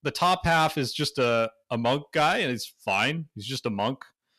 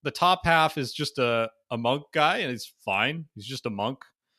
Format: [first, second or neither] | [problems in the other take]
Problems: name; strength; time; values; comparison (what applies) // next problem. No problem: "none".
second | distortion; slight; 10 dB below the speech